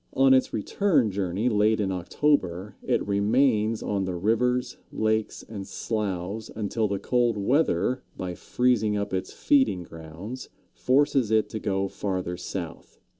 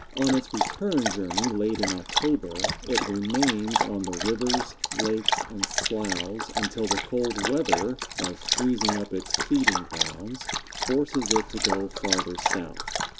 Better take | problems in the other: first | background sound (Dog); 1 dB below the speech

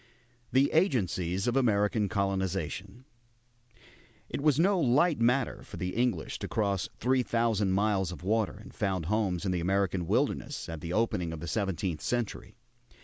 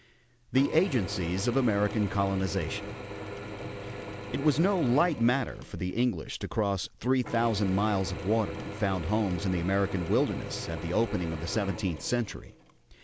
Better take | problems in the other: first | background sound (Drill / Mechanisms); 11 dB below the speech

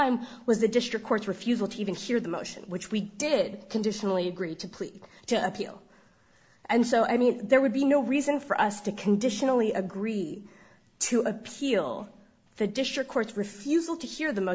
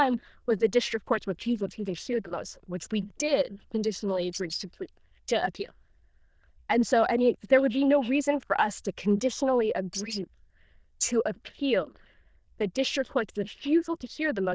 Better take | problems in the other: first | noise reduction (neural diffusion model UNIVERSE++)

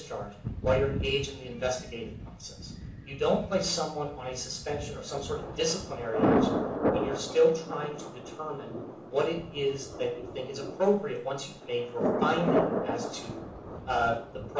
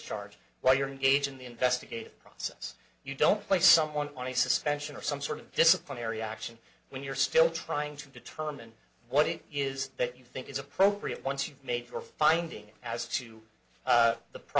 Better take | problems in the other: second | background sound (Thunder); 2 dB below the speech // room echo; dies away in 0.8 s

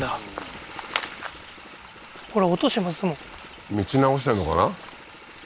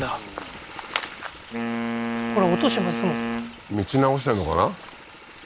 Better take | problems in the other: first | background sound (Wind instrument, woodwind instrument); 3 dB below the speech

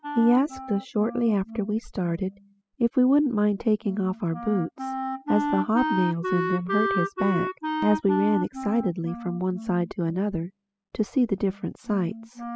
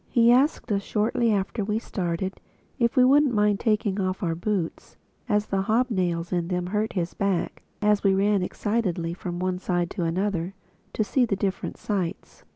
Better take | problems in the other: second | noise reduction (classical method spectral subtraction)

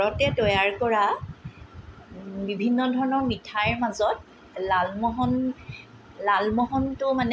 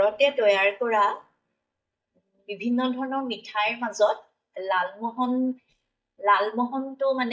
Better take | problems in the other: first | noise reduction (neural mask model DeepFilterNet 3)

